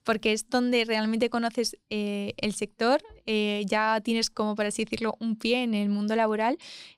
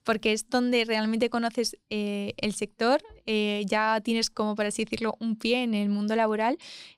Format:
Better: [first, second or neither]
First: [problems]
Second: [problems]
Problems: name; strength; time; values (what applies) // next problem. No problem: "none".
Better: neither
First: none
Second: none